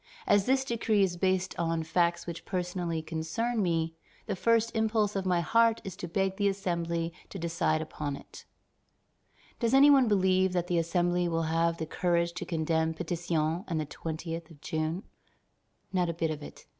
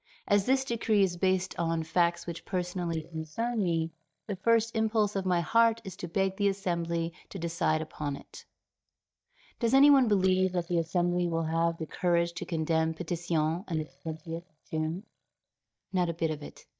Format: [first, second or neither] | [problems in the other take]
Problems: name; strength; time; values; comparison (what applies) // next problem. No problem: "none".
first | noise reduction (neural mask model DeepFilterNet 3)